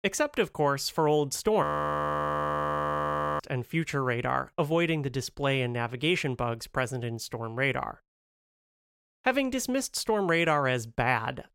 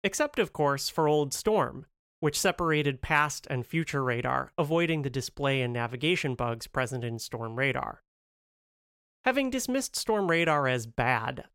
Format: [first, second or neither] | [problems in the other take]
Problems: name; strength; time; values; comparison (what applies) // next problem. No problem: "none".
second | audio freezing; at 1.5 s for 2 s